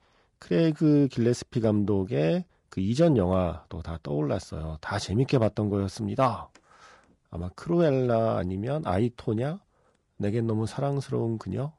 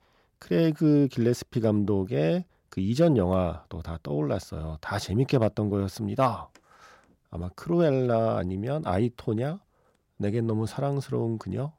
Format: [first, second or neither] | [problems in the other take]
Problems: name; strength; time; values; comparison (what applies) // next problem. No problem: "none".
second | garbled, watery; slightly; nothing above 10.5 kHz